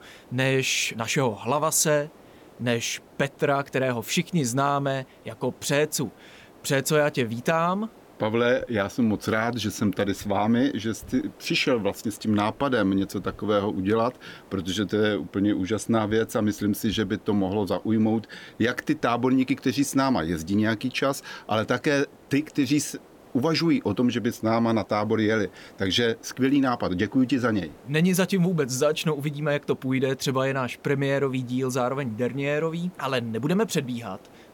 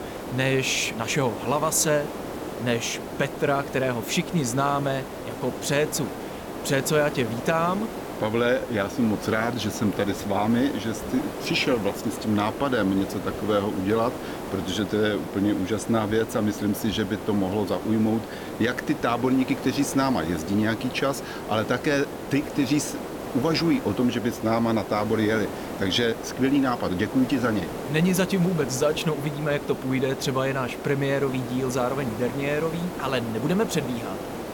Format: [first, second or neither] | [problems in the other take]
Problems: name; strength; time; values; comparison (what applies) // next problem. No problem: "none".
first | hiss; loud; throughout; 9 dB below the speech; faint in the first